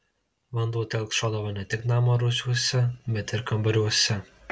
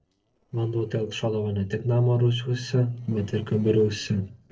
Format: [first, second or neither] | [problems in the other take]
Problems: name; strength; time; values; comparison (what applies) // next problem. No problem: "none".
first | noise reduction (neural separator model SepFormer DNS4)